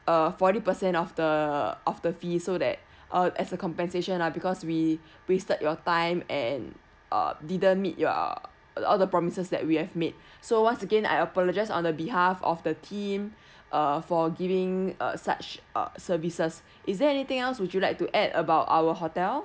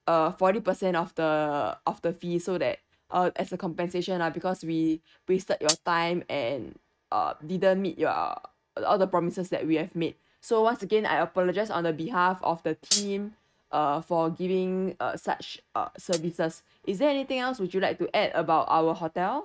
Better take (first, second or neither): first